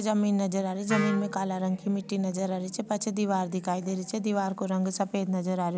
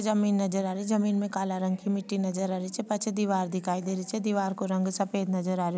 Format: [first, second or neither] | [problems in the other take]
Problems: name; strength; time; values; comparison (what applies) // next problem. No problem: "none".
second | background sound (Wind instrument, woodwind instrument); 14 dB below the speech